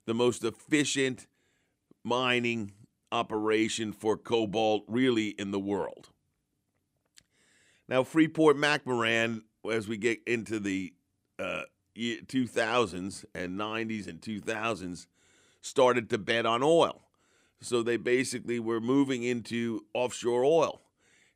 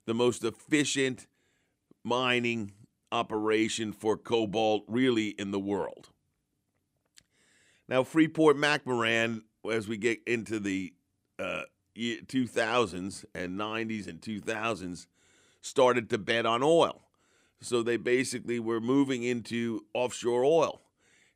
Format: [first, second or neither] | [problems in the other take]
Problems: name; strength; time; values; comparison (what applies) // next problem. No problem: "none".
neither | none